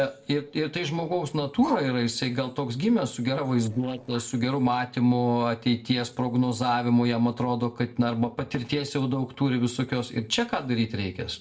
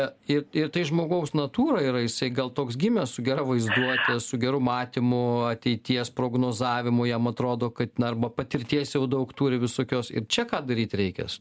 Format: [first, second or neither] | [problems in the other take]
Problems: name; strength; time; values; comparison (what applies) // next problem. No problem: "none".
second | noise reduction (neural separator model SepFormer DNS4)